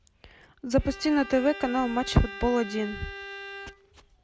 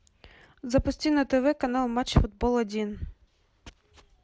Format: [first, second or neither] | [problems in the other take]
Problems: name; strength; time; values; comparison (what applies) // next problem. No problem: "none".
second | background sound (Bowed string instrument); 13 dB below the speech